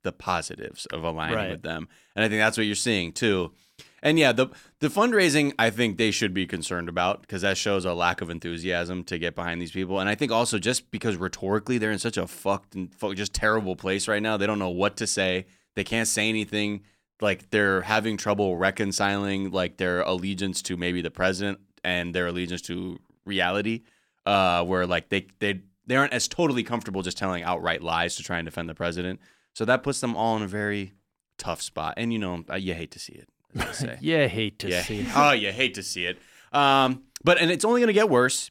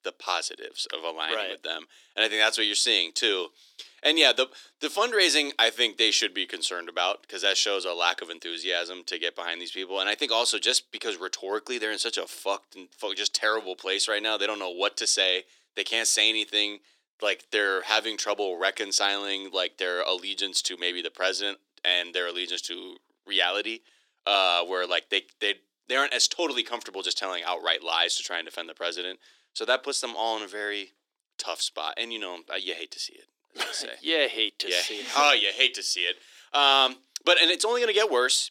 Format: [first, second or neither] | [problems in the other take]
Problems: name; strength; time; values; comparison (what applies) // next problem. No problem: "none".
first | thin; very; fading below 350 Hz